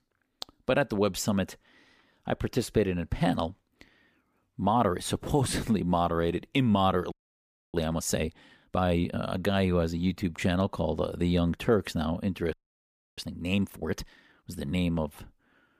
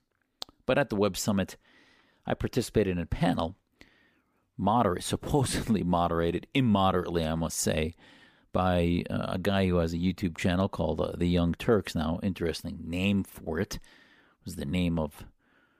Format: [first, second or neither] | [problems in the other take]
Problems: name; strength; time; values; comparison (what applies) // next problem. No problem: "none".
second | audio freezing; at 7 s for 0.5 s and at 13 s for 0.5 s